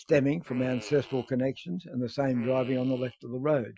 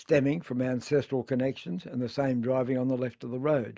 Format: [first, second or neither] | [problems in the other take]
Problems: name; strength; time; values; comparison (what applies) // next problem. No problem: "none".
second | noise reduction (classical method Wiener filter)